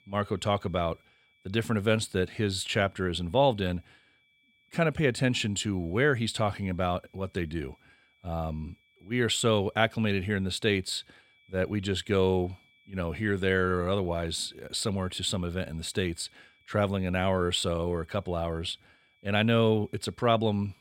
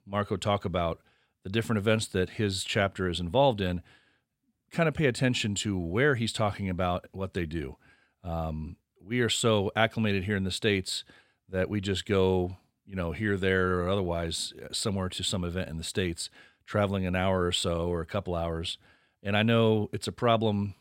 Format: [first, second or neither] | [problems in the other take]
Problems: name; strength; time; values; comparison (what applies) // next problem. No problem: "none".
second | high-pitched whine; faint; throughout; 2.5 kHz, 35 dB below the speech